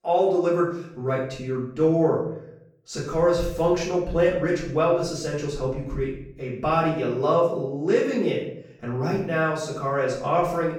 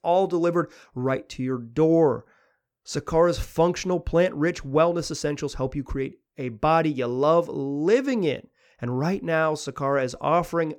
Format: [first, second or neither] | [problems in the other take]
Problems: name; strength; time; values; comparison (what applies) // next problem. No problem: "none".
second | off-mic speech; far // room echo; noticeable; dies away in 0.6 s